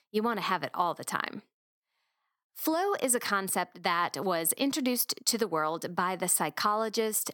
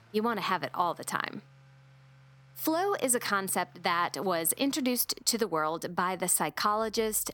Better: first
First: none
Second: traffic noise; faint; throughout; 30 dB below the speech

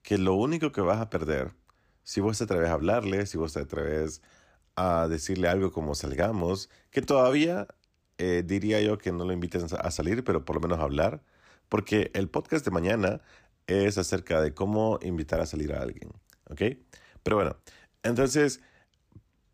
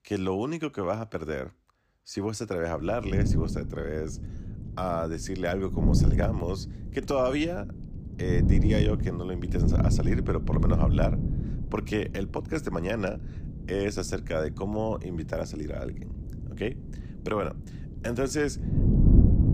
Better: first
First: none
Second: wind noise on the microphone; heavy; from 3 s on; 7 dB below the speech

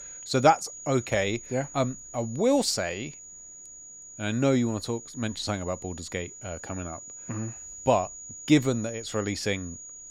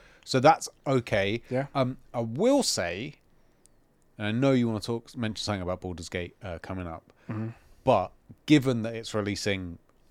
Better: second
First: high-pitched whine; noticeable; throughout; 7 kHz, 15 dB below the speech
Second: none

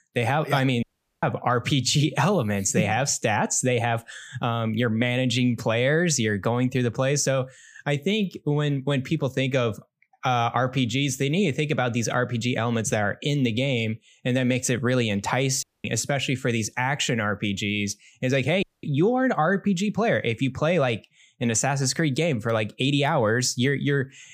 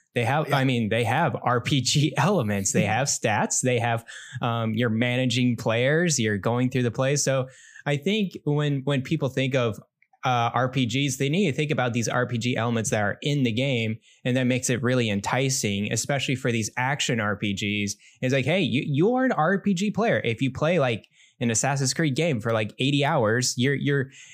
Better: second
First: audio cutting out; at 1 s, at 16 s and at 19 s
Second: none

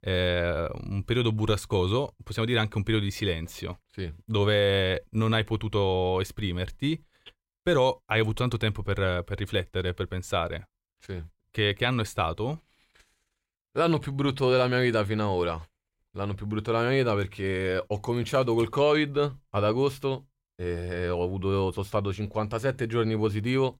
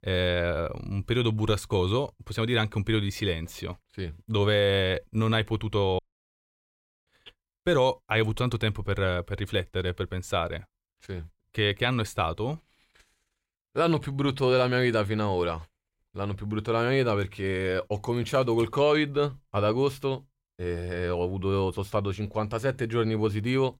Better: first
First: none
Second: audio cutting out; at 6 s for 1 s

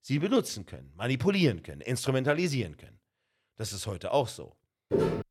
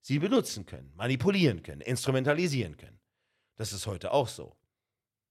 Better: second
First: footsteps; loud; at 5 s; peak 1 dB above the speech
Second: none

